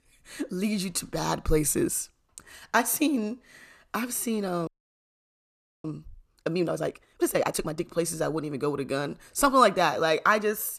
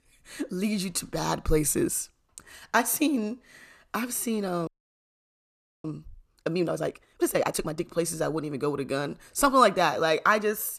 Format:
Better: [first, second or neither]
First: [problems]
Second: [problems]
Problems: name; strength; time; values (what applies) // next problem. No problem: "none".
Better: neither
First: audio freezing; at 4.5 s for 1 s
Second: audio freezing; at 4.5 s for 1 s